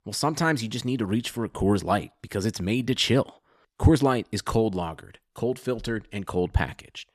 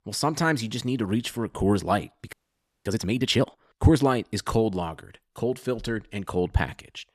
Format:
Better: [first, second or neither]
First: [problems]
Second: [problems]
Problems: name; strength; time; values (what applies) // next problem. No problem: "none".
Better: first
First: none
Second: audio freezing; at 2.5 s for 0.5 s